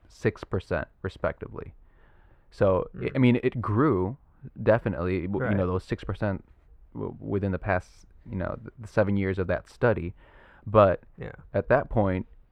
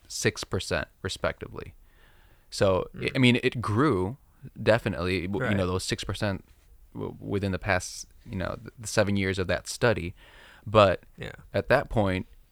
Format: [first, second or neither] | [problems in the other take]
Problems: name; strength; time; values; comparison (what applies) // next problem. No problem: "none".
second | muffled; very; fading above 3 kHz